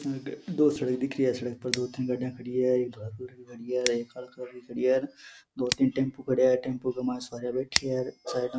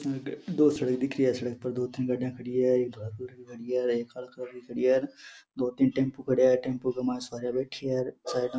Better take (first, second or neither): second